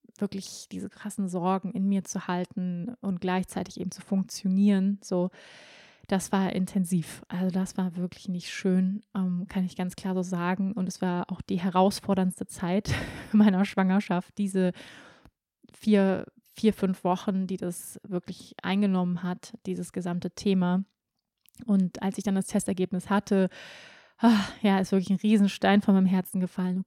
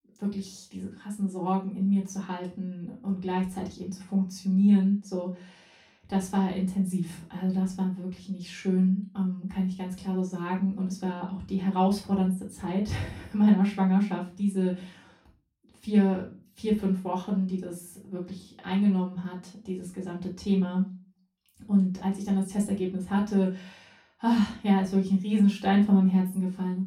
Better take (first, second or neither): first